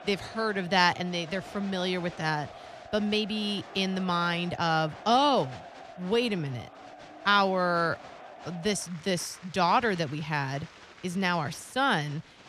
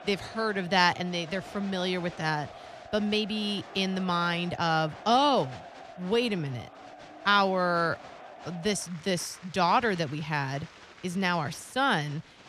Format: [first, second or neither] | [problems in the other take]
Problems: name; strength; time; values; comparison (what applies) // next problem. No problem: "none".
neither | crowd noise; noticeable; throughout; 20 dB below the speech; the same in both